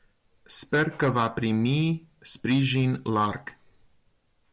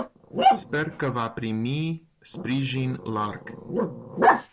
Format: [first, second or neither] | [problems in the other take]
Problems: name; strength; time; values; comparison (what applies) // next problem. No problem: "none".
first | background sound (Growling); 3 dB above the speech